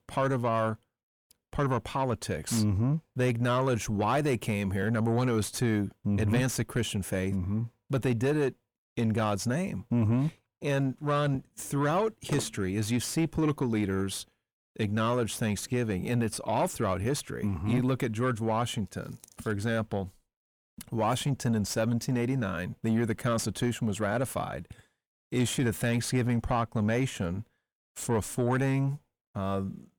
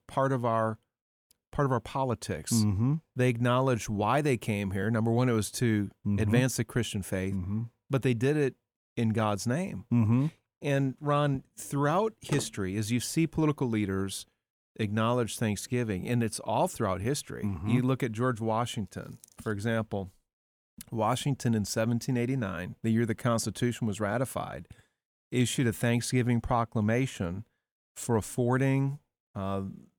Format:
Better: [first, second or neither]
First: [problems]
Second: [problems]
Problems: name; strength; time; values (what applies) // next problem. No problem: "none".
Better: second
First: distortion; slight; 10 dB below the speech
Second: none